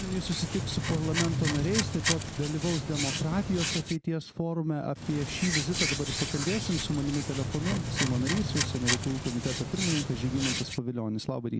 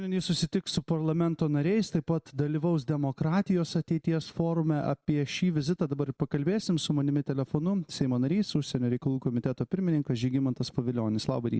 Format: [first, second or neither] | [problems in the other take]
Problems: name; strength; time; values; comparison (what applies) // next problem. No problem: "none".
second | background sound (Hands); 2 dB below the speech